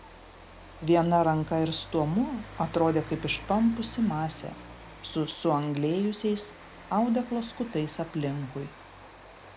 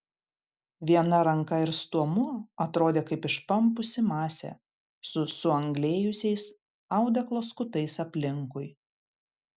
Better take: second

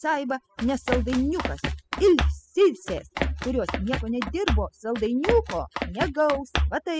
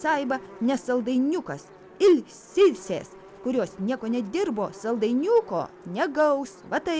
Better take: second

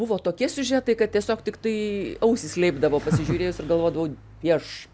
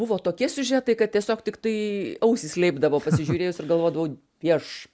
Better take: second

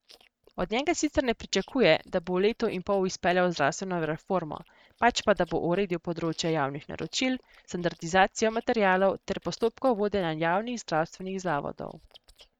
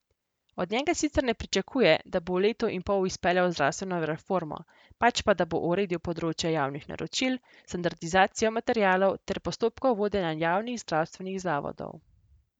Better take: second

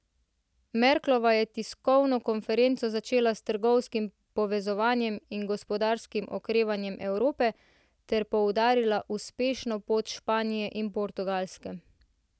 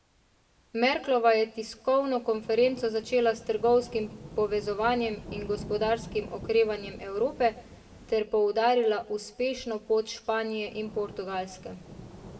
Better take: first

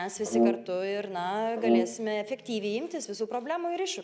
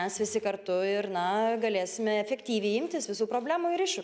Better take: second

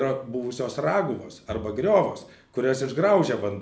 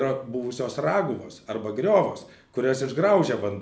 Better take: second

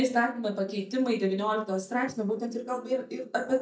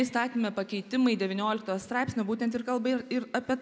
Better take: second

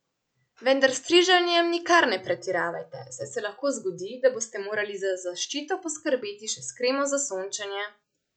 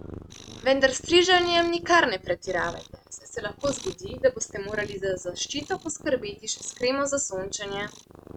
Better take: first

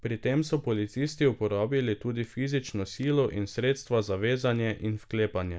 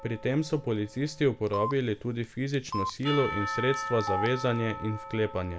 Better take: first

